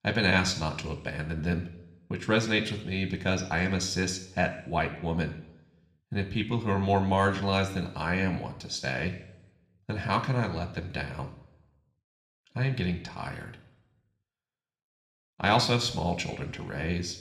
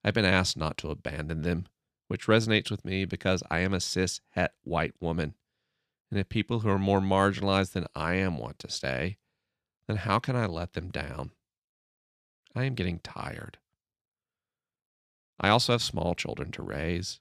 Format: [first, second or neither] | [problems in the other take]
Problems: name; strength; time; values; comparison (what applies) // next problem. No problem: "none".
second | room echo; slight; dies away in 0.7 s